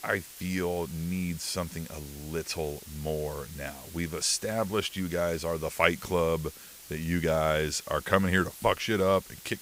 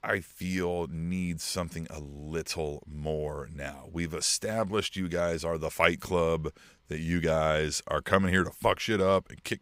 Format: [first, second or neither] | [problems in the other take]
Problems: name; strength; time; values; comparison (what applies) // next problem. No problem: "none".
second | hiss; noticeable; throughout; 15 dB below the speech